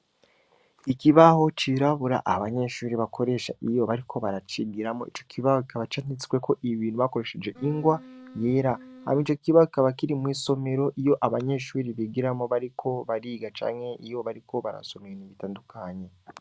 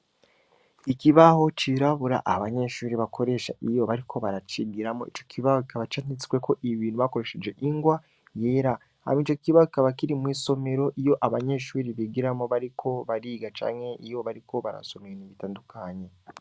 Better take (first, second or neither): second